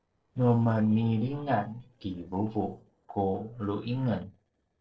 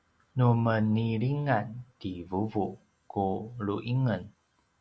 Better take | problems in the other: second | noise reduction (neural separator model SepFormer DNS4)

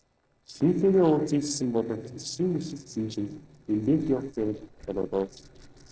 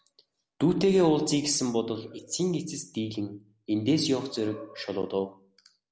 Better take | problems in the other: second | noise reduction (neural separator model SepFormer DNS4)

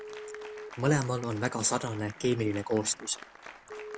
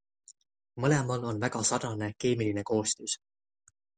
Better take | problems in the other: second | background sound (Telephone + Applause); 14 dB below the speech

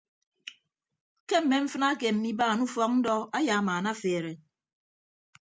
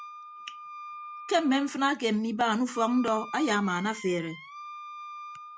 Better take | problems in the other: first | background sound (Wind instrument, woodwind instrument); 14 dB below the speech

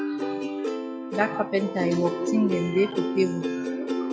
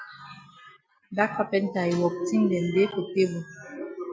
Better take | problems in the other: second | background sound (Plucked string instrument); 3 dB below the speech

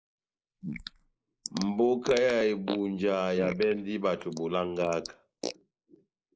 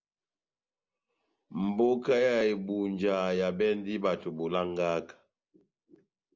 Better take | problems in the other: second | noise reduction (neural mask model Resemble Enhance denoiser)

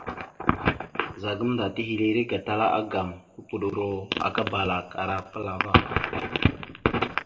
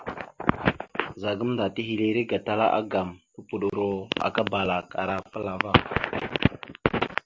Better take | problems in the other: second | room echo; dies away in 0.6 s

